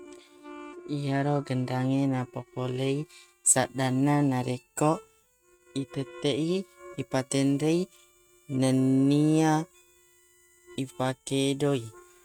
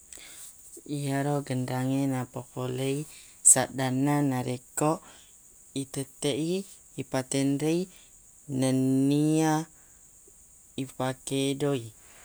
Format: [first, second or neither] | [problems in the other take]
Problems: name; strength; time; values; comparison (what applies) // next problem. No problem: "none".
second | noise reduction (neural mask model RNNoise)